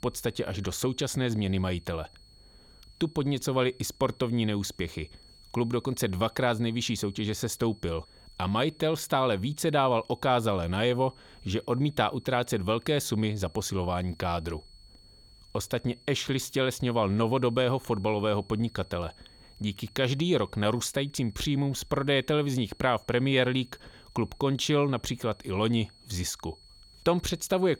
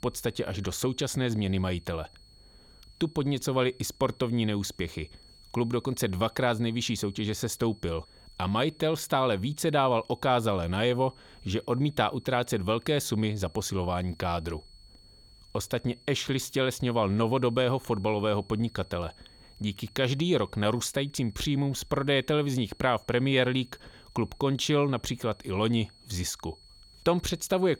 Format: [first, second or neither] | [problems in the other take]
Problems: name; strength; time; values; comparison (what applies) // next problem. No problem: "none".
neither | high-pitched whine; faint; throughout; 4.5 kHz, 25 dB below the speech; the same in both